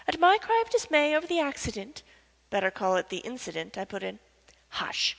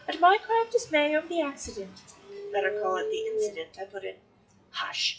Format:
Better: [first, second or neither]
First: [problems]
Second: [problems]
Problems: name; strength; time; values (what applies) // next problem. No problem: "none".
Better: first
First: none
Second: noise reduction (classical method WPE with log-MMSE)